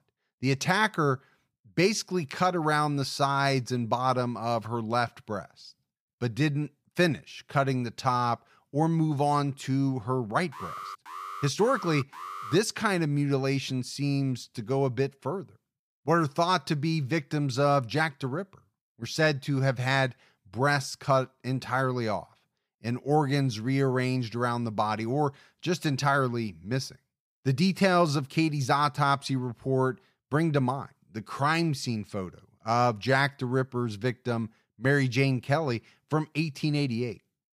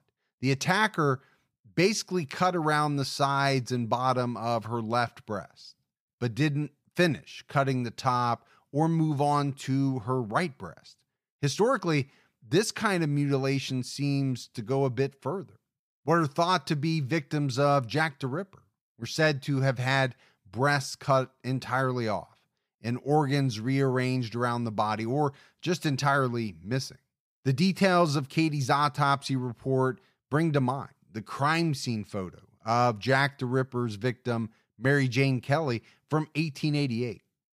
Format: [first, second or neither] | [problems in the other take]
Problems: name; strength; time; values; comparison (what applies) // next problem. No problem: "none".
second | alarm; faint; from 11 to 13 s; peak 10 dB below the speech